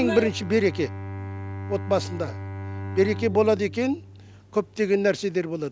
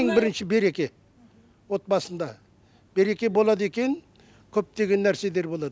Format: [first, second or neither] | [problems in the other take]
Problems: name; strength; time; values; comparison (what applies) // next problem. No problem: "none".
second | background sound (Bowed string instrument); 10 dB below the speech